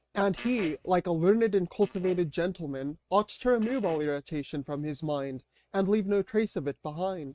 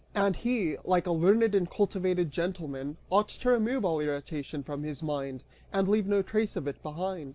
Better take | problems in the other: second | noise reduction (neural mask model RNNoise)

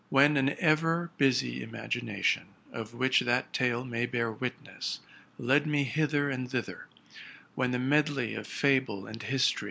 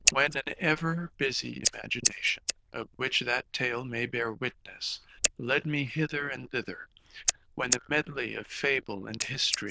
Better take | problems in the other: first | noise reduction (neural diffusion model UNIVERSE++)

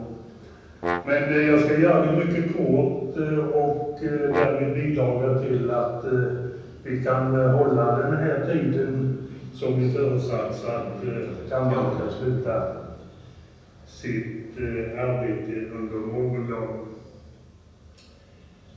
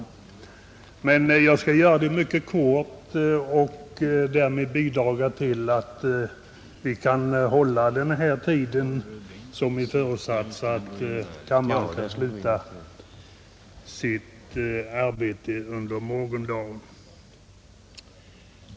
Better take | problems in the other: second | background sound (Brass instrument); 8 dB below the speech // room echo; dies away in 1.1 s

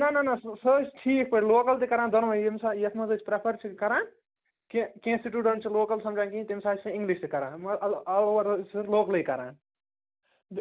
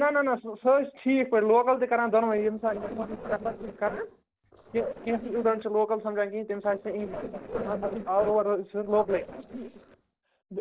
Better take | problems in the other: first | noise reduction (neural separator model SepFormer DNS4)

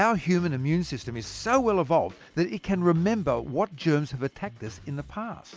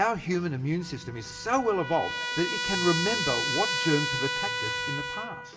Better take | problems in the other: first | background sound (Trumpet); 2 dB below the speech // room echo; dies away in 2.6 s

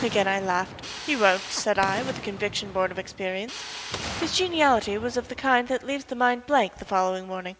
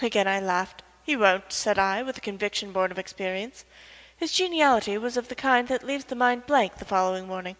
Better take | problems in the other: second | background sound (Boom + Drill); 13 dB below the speech

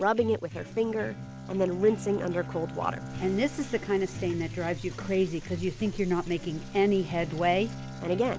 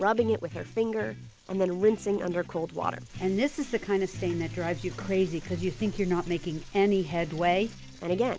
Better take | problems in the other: second | background sound (Bowed string instrument); 14 dB below the speech

